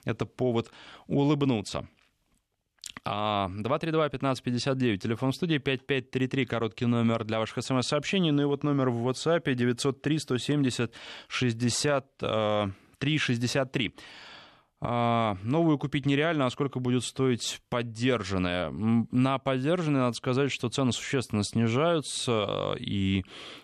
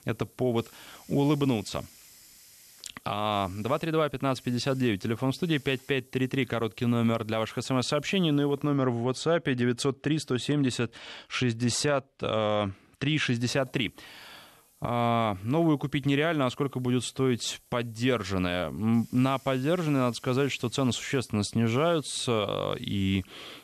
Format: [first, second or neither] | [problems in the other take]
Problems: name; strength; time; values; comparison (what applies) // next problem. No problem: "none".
first | hiss; faint; until 8.5 s and from 14 s on; 25 dB below the speech